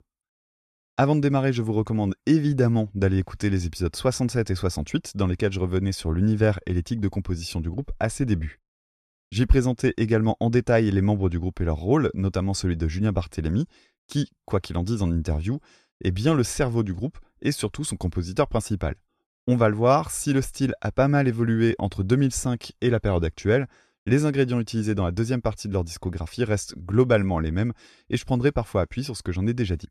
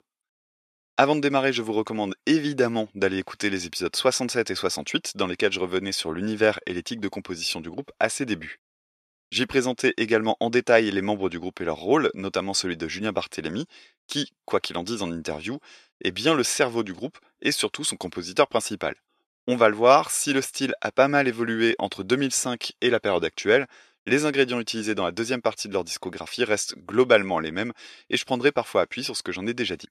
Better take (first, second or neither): first